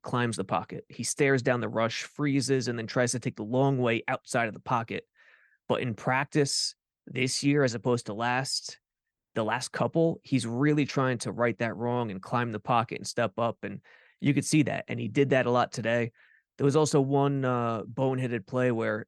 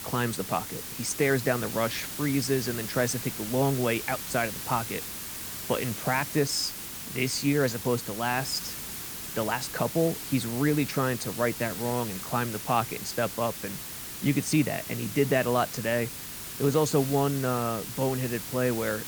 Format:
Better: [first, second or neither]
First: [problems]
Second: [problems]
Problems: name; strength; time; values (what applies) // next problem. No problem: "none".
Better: first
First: none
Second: hiss; loud; throughout; 7 dB below the speech